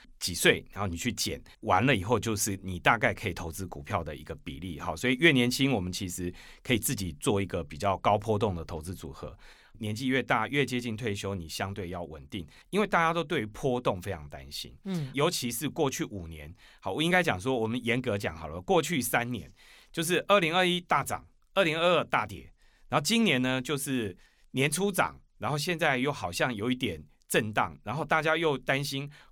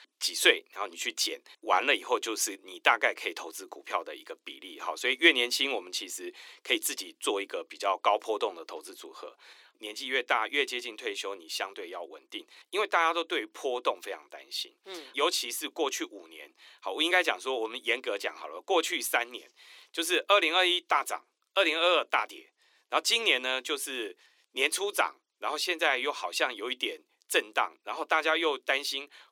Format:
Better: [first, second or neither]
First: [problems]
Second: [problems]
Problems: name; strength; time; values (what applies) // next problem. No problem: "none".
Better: first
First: none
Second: thin; very; fading below 300 Hz